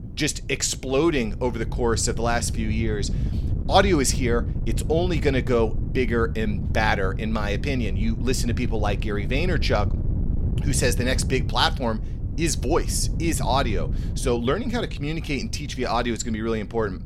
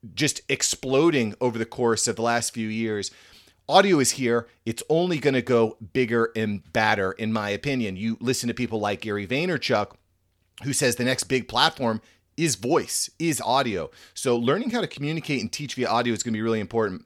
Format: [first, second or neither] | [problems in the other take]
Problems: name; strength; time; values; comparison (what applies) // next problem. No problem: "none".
second | wind noise on the microphone; occasional gusts; 15 dB below the speech